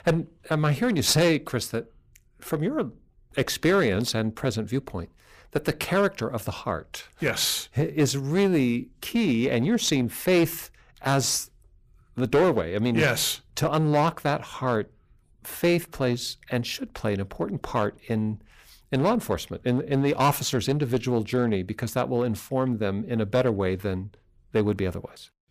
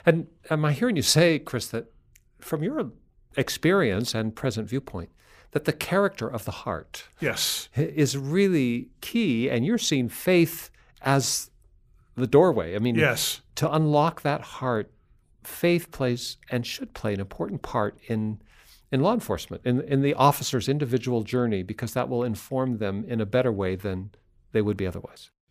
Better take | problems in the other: second | distortion; slight; 6% of the sound clipped

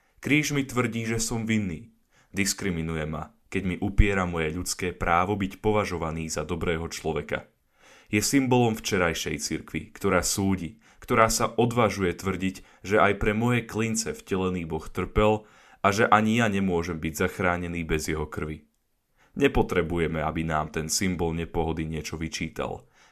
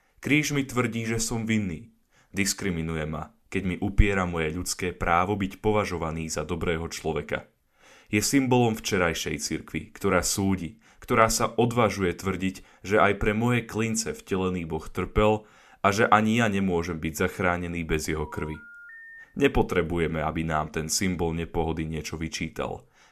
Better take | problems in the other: first | phone ringing; faint; from 18 to 19 s; peak 15 dB below the speech

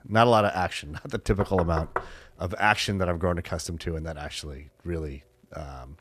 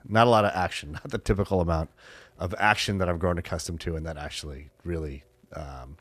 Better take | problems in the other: second | door banging; noticeable; at 1.5 s; peak 6 dB below the speech

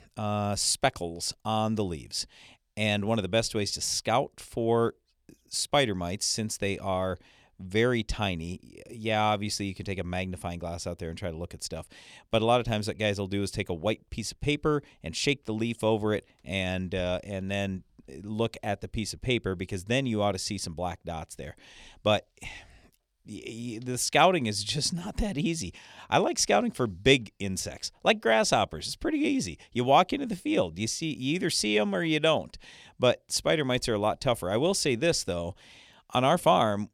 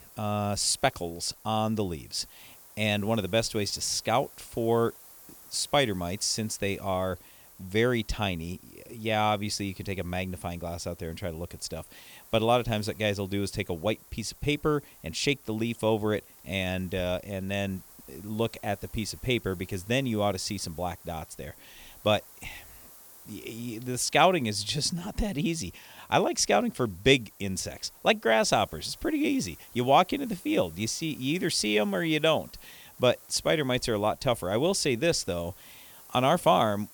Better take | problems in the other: first | hiss; faint; throughout; 20 dB below the speech

